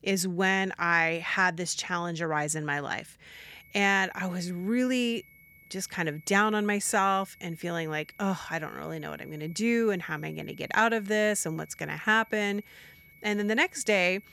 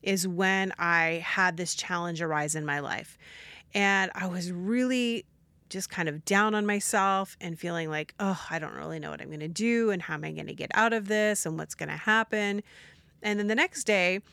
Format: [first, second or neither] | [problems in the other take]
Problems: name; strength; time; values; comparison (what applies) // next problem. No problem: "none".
second | high-pitched whine; faint; from 3.5 s on; 2 kHz, 25 dB below the speech